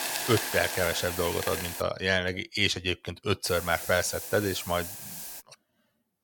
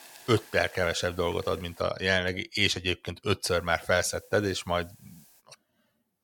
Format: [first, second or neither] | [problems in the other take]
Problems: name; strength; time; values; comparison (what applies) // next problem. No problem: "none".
second | hiss; loud; until 2 s and from 3.5 to 5.5 s; 6 dB below the speech; faint in the second